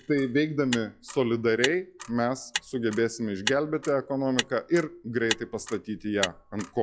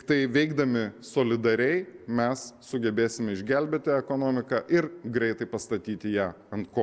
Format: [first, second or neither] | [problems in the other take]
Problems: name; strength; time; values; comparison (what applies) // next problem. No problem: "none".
second | noise reduction (classical method log-MMSE)